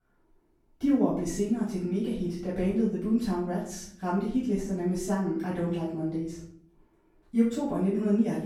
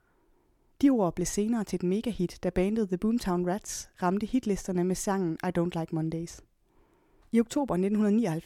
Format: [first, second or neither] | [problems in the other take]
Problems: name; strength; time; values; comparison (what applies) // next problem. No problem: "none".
second | room echo; noticeable; dies away in 0.5 s // off-mic speech; far